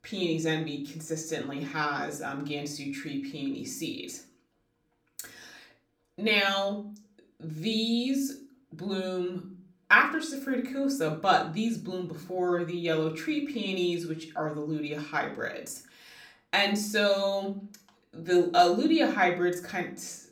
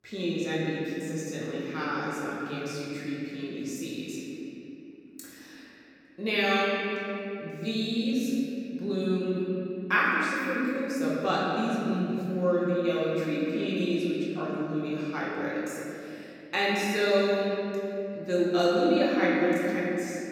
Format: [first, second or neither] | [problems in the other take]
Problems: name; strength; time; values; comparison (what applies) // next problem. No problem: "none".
first | room echo; strong; dies away in 3 s; slight in the first // off-mic speech; far; somewhat distant in the first